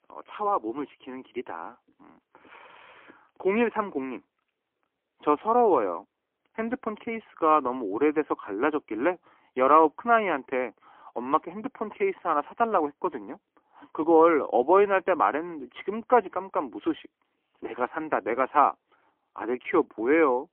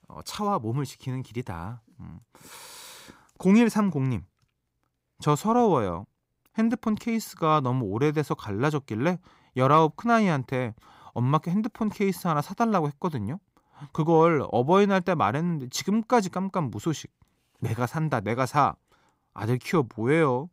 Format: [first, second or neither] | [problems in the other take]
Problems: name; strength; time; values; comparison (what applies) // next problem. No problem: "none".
second | phone-call audio; poor line; nothing above 3 kHz